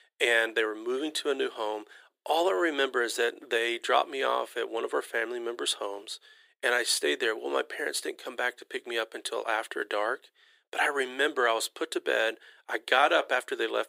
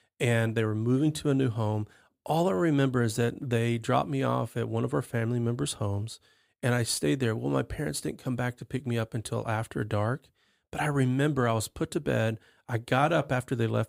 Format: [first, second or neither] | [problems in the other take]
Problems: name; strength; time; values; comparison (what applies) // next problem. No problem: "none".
second | thin; very; fading below 350 Hz